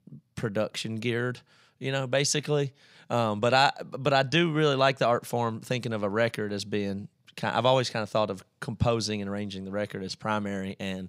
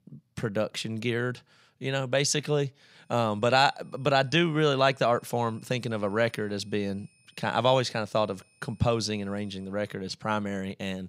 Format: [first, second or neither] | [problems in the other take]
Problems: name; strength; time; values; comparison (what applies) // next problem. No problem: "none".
first | high-pitched whine; faint; from 3 to 9.5 s; 2.5 kHz, 35 dB below the speech